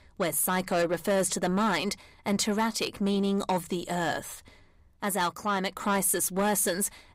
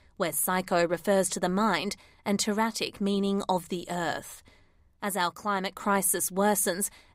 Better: second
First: distortion; slight; 10 dB below the speech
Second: none

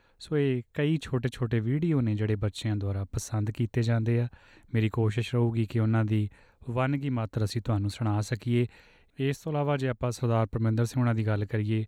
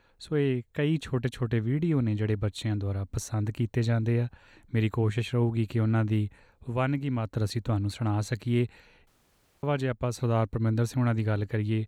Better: first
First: none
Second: audio cutting out; at 9 s for 0.5 s

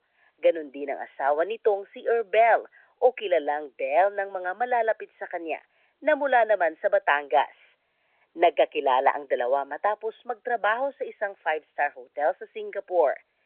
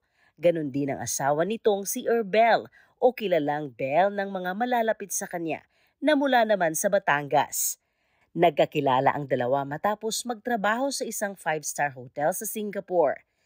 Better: second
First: phone-call audio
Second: none

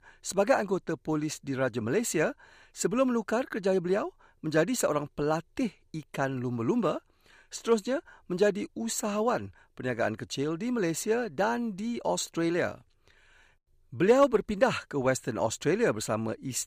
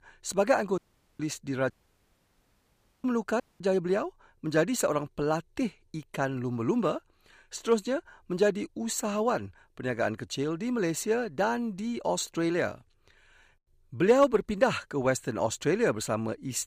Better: first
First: none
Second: audio cutting out; at 1 s, at 1.5 s for 1.5 s and at 3.5 s

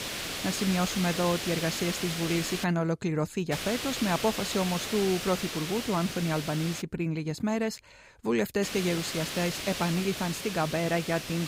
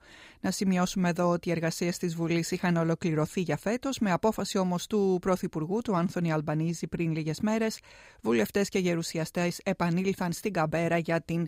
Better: second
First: hiss; loud; until 2.5 s, from 3.5 to 7 s and from 8.5 s on; 4 dB below the speech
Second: none

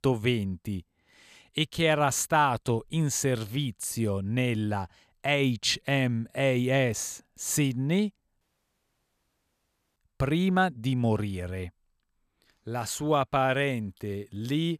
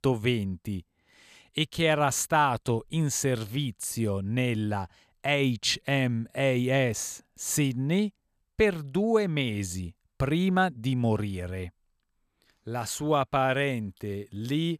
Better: second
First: audio cutting out; at 8.5 s for 1.5 s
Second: none

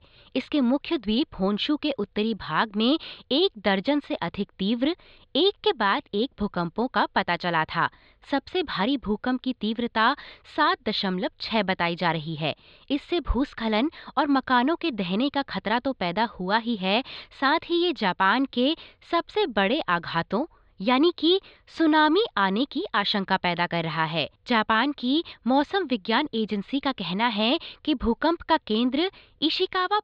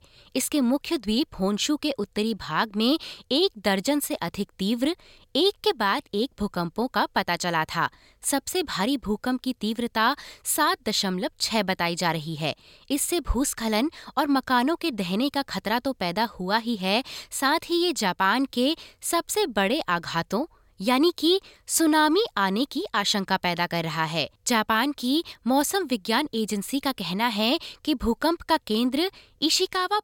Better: second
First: muffled; slightly; fading above 4 kHz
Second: none

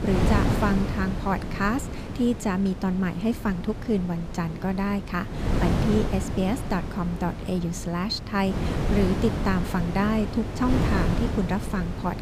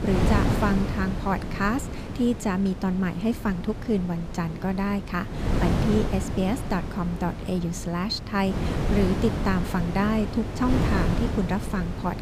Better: neither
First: wind noise on the microphone; heavy; 5 dB below the speech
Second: wind noise on the microphone; heavy; 5 dB below the speech

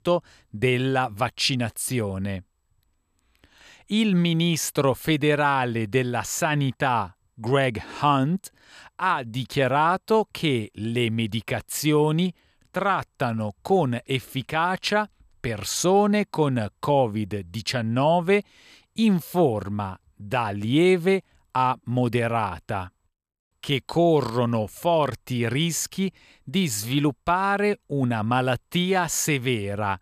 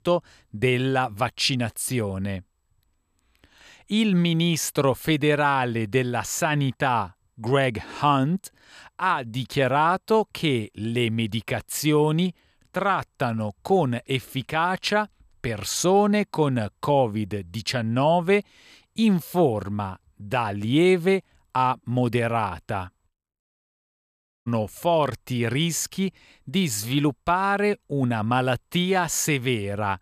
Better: first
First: none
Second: audio cutting out; at 23 s for 1 s

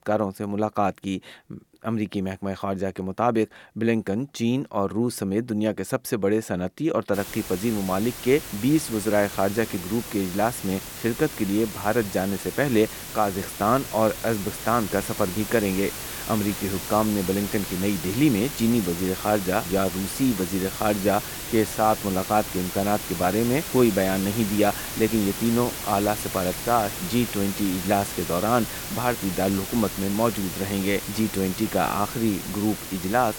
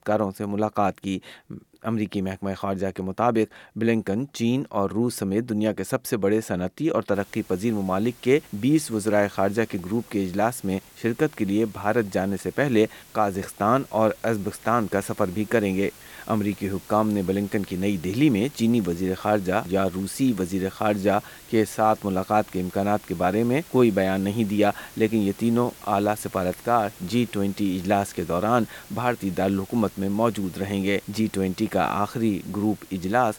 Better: second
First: hiss; loud; from 7 s on; 7 dB below the speech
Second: hiss; faint; from 7 s on; 20 dB below the speech

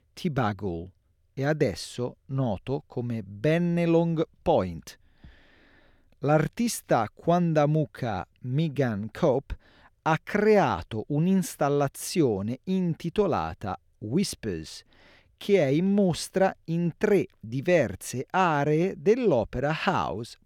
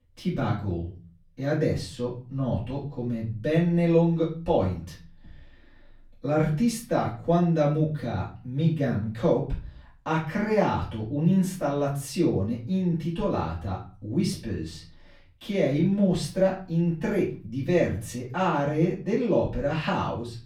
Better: first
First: none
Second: off-mic speech; far // room echo; slight; dies away in 0.4 s

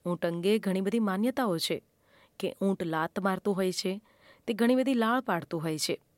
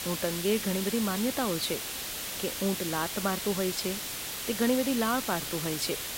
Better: first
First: none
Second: hiss; loud; throughout; 3 dB below the speech

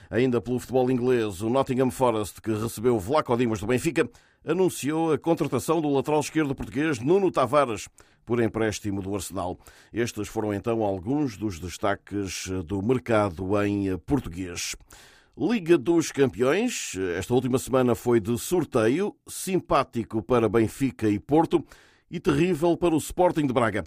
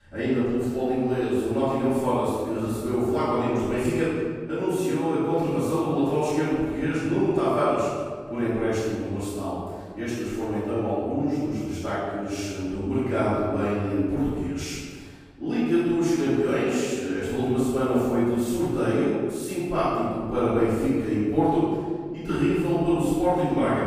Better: first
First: none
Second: off-mic speech; far // room echo; strong; dies away in 1.7 s

